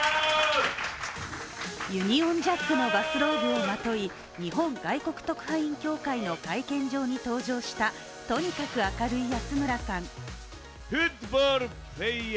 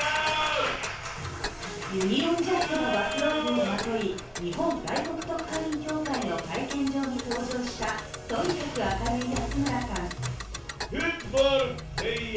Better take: first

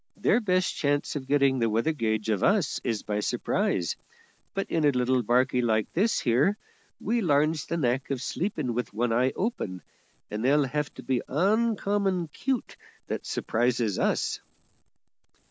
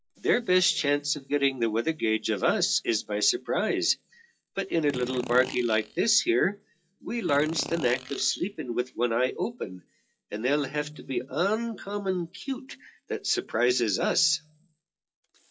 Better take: first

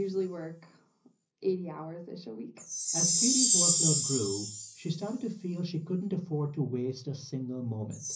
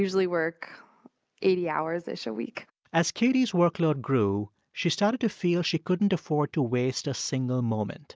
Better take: second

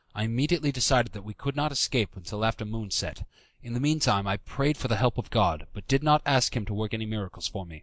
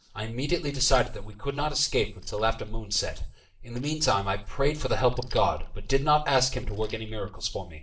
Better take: first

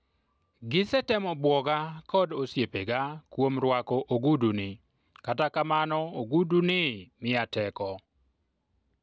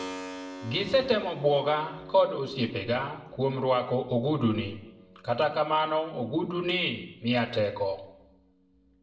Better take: first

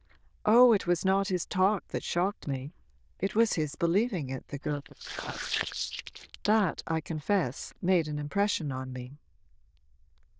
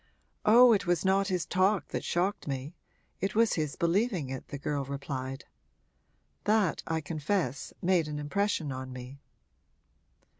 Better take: second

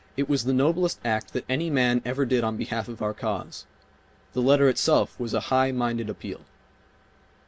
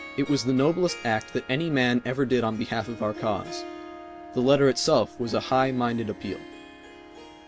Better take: first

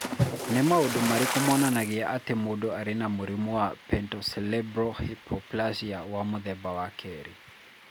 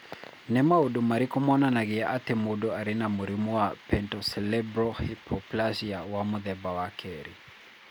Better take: second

